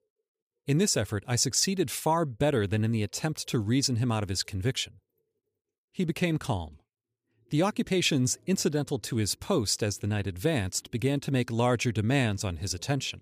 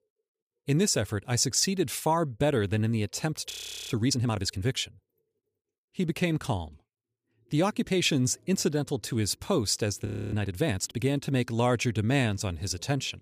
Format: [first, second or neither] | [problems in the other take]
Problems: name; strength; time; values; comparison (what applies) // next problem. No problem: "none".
first | audio freezing; at 3.5 s and at 10 s